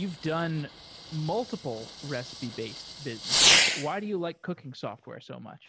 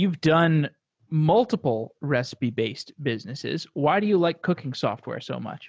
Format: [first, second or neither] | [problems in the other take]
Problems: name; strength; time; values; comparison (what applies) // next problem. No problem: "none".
second | background sound (Fireworks); 4 dB above the speech